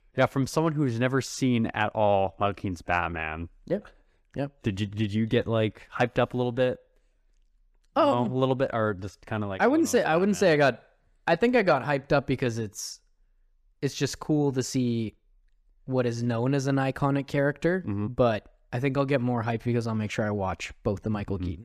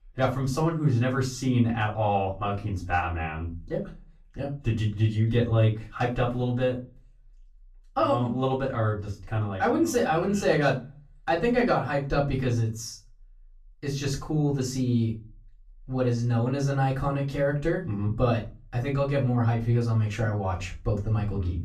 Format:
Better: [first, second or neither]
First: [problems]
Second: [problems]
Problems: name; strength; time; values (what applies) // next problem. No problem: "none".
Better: first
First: none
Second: off-mic speech; far // room echo; slight; dies away in 0.3 s